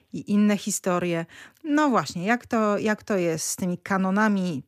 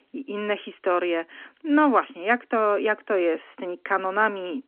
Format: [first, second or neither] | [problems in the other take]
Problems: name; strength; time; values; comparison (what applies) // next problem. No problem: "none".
first | phone-call audio